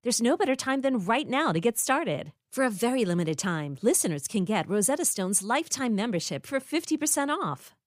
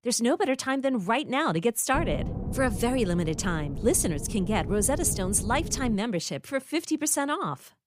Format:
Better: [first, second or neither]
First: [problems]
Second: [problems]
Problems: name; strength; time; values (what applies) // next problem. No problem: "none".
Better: first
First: none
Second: wind noise on the microphone; occasional gusts; from 2 to 6 s; 15 dB below the speech